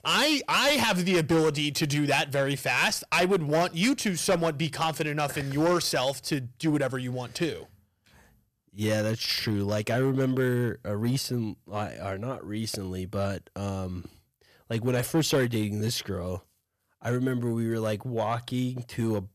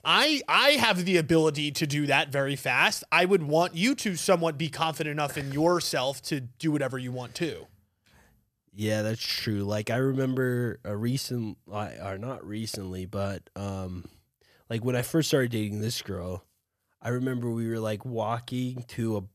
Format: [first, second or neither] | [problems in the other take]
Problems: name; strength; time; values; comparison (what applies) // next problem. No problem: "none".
second | distortion; slight; 5% of the sound clipped